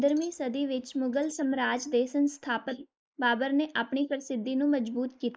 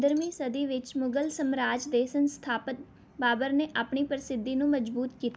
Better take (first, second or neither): second